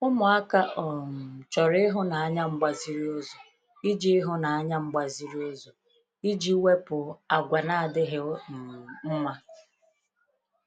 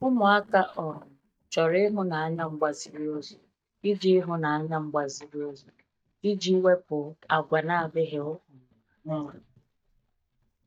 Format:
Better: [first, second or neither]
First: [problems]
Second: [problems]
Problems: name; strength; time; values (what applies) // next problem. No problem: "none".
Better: first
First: none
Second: noise reduction (neural mask model DeepFilterNet 3)